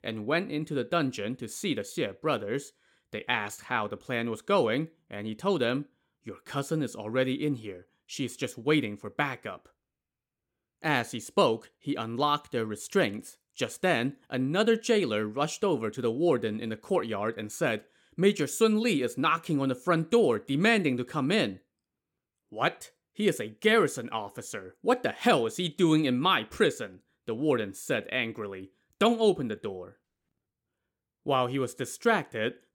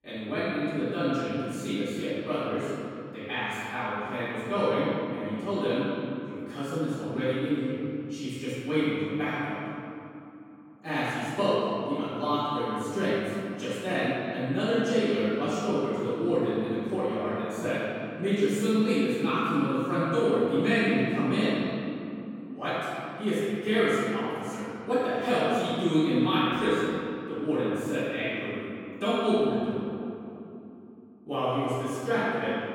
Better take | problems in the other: first | off-mic speech; far // room echo; strong; dies away in 2.6 s

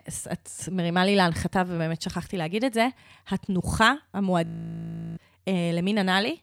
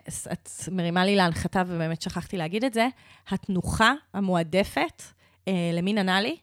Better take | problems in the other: second | audio freezing; at 4.5 s for 0.5 s

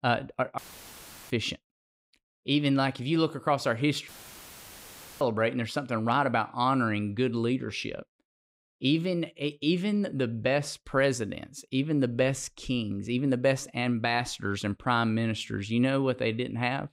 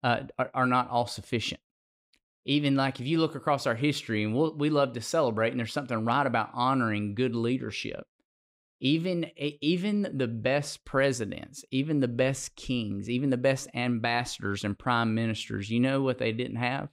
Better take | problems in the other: second | audio cutting out; filled with static; at 0.5 s for 0.5 s and at 4 s for 1 s

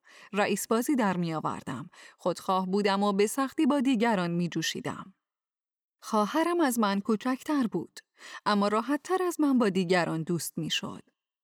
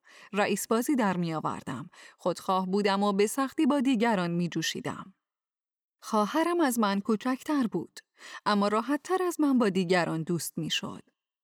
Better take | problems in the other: neither | none

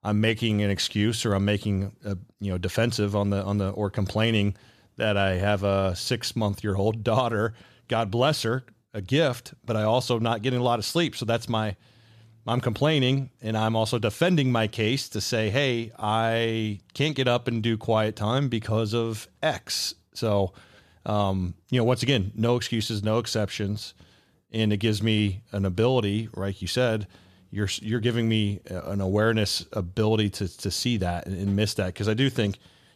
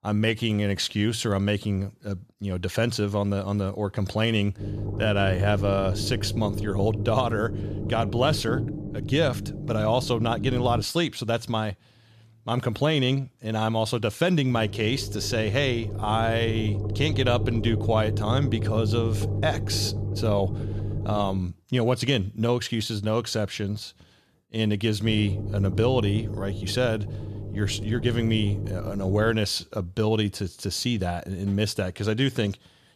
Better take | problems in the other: first | low rumble; noticeable; from 4.5 to 11 s, from 15 to 21 s and from 25 to 29 s; 10 dB below the speech

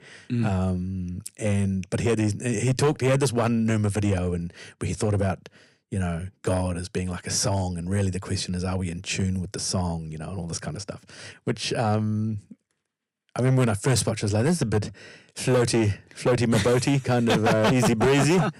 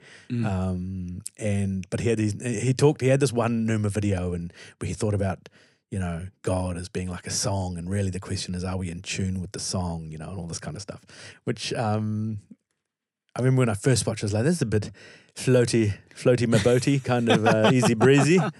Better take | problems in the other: second | distortion; slight; 6% of the sound clipped

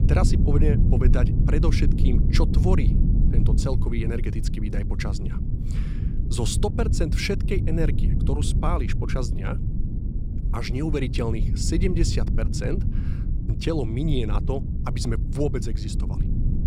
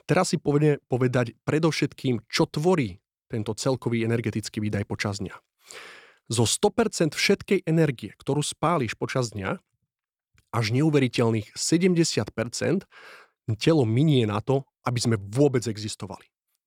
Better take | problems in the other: second | low rumble; loud; throughout; 6 dB below the speech

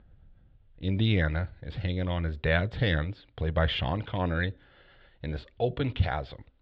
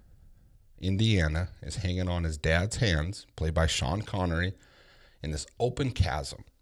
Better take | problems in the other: second | muffled; very; fading above 3.5 kHz

